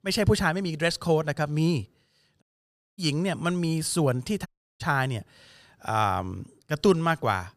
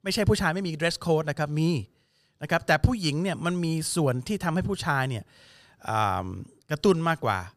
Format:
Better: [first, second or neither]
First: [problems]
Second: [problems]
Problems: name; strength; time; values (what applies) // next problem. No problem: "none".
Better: second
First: audio cutting out; at 2.5 s for 0.5 s and at 4.5 s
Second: none